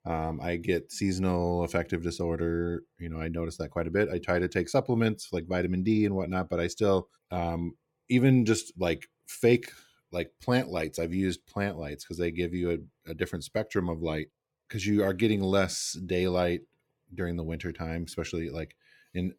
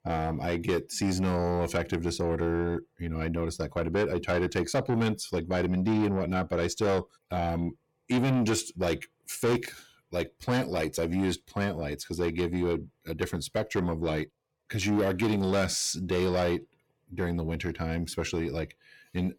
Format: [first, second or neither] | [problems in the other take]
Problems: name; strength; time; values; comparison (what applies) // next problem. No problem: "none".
first | distortion; heavy; 8 dB below the speech